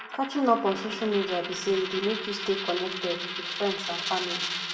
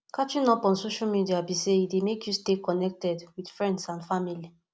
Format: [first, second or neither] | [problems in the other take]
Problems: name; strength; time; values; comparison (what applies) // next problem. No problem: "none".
second | background sound (Coin (dropping)); 5 dB below the speech // room echo; dies away in 1.3 s